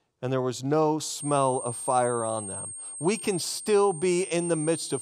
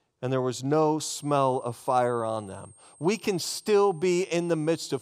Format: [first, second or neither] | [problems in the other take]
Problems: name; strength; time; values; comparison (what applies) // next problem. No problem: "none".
second | high-pitched whine; loud; from 1 s on; 8.5 kHz, 8 dB below the speech; faint in the second